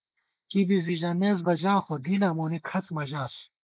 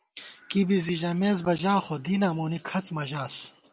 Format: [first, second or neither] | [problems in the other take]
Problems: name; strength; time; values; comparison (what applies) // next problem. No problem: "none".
second | noise reduction (neural mask model Resemble Enhance denoiser)